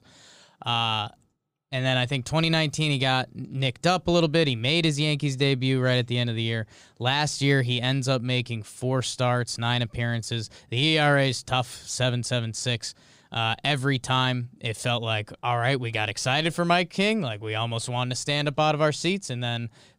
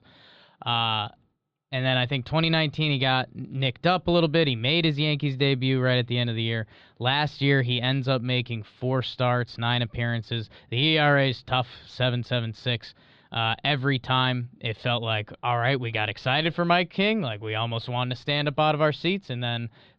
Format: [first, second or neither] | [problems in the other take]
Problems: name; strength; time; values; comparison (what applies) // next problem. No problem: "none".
first | muffled; very slightly; fading above 4 kHz